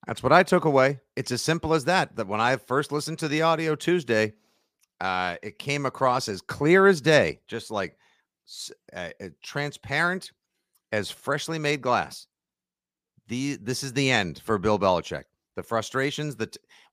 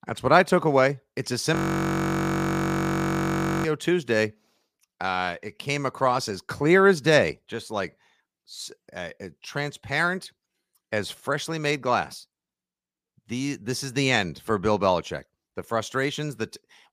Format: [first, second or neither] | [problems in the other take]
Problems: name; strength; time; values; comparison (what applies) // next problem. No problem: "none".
first | audio freezing; at 1.5 s for 2 s